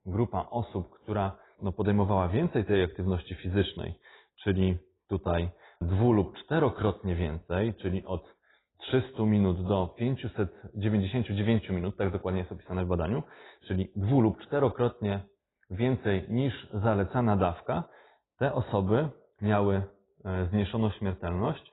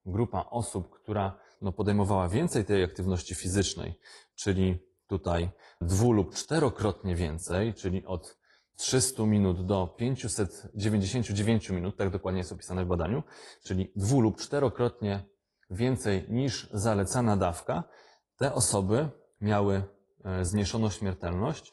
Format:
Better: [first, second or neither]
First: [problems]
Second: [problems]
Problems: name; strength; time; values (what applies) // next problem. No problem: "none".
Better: second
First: garbled, watery; badly; nothing above 4 kHz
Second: garbled, watery; slightly